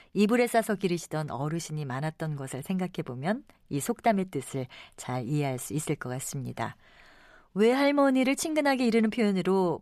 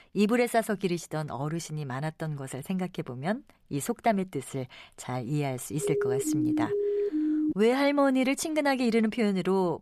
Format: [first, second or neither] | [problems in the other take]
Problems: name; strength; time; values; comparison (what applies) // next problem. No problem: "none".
first | siren; loud; from 6 to 7.5 s; peak 2 dB above the speech